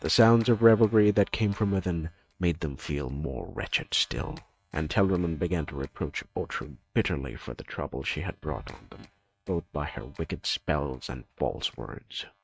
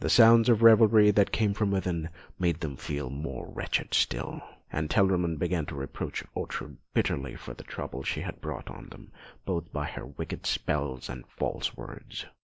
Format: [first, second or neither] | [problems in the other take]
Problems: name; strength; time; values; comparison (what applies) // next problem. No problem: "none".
second | noise reduction (neural mask model RNNoise)